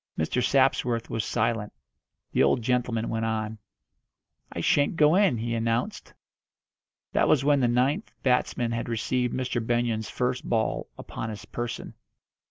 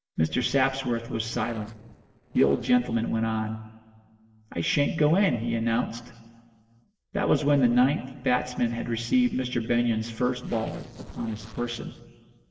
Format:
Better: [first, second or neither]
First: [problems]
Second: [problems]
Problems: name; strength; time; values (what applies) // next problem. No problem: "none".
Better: first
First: none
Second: noise reduction (neural separator model SepFormer DNS4)